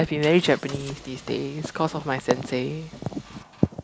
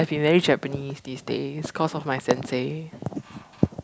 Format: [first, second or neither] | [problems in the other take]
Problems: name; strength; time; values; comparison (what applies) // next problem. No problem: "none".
second | background sound (Engine); 20 dB below the speech